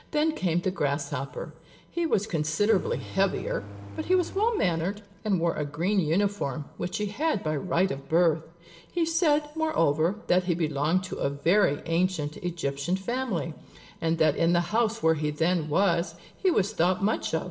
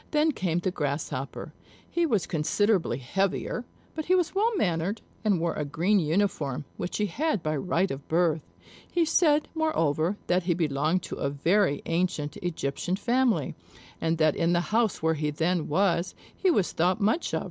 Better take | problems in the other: second | background sound (Engine); 16 dB below the speech // room echo; dies away in 0.7 s

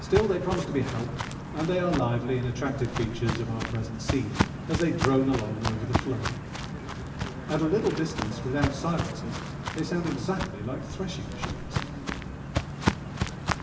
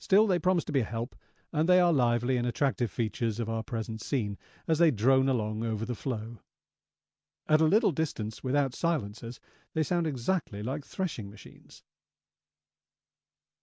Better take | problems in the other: second | background sound (Walk, footsteps); 2 dB below the speech // room echo; dies away in 1.1 s

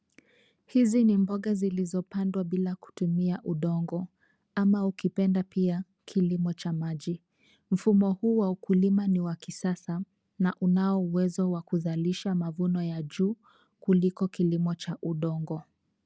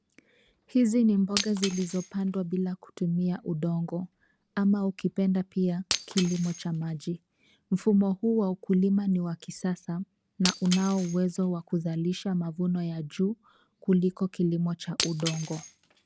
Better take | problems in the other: first | background sound (Shatter); 13 dB below the speech

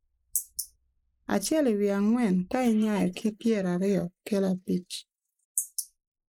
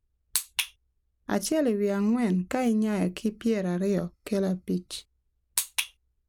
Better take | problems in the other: second | noise reduction (neural mask model Resemble Enhance denoiser)

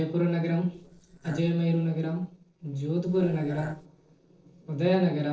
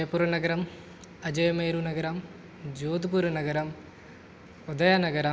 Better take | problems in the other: second | noise reduction (neural separator model SepFormer DNS4)

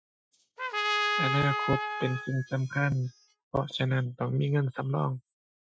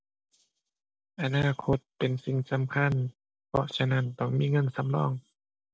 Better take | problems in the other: second | noise reduction (classical method Wiener filter)

